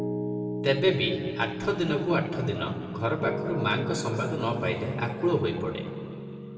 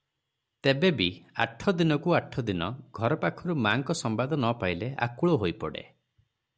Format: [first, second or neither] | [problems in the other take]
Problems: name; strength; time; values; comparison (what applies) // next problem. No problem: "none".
second | background sound (Piano); 5 dB below the speech // room echo; dies away in 2.4 s